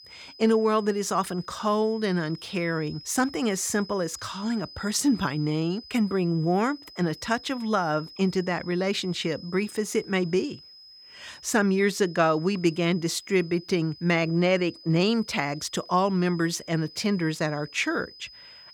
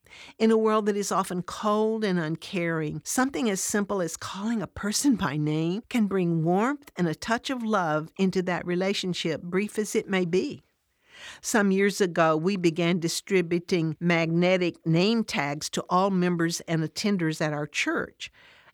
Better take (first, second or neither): second